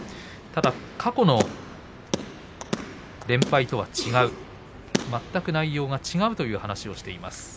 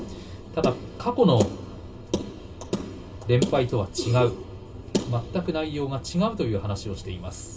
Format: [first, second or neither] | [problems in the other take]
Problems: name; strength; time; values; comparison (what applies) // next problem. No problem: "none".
first | room echo; dies away in 0.2 s